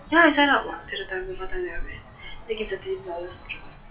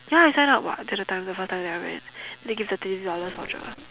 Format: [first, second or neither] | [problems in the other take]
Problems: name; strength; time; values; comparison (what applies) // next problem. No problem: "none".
second | noise reduction (classical method WPE with log-MMSE)